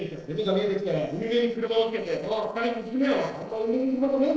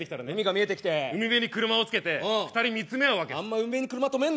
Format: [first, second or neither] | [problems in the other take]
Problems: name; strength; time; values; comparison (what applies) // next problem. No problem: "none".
second | noise reduction (neural separator model SepFormer DNS4)